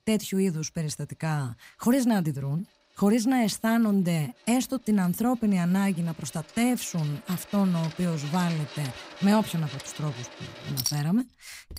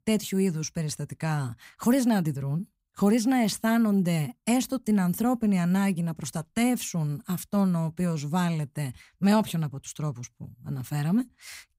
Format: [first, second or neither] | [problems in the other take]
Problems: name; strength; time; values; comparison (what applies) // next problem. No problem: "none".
second | household noises; noticeable; throughout; 10 dB below the speech